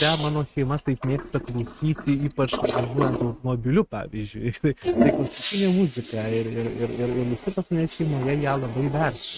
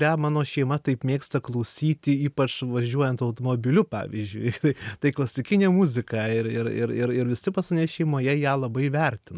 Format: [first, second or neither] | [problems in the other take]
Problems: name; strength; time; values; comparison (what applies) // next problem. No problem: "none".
second | noise reduction (neural mask model RNNoise)